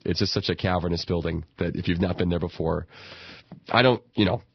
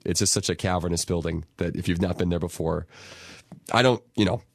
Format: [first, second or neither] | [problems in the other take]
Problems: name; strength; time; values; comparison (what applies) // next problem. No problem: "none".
second | garbled, watery; badly; nothing above 5.5 kHz; slightly in the second